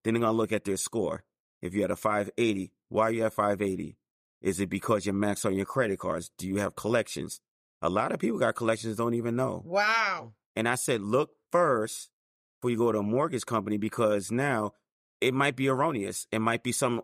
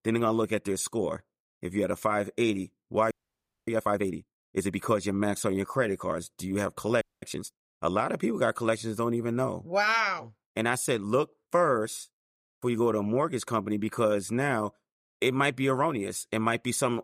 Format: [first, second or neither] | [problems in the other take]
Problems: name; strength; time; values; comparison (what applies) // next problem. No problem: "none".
first | audio freezing; at 3 s for 0.5 s and at 7 s